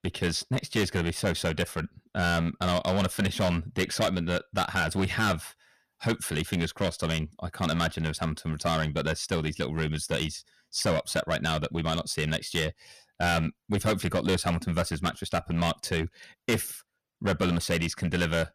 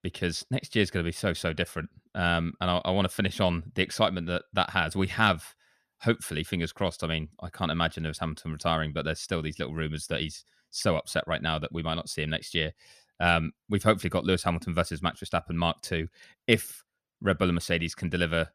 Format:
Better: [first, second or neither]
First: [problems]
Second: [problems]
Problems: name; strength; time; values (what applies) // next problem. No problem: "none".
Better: second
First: distortion; heavy; 9% of the sound clipped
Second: none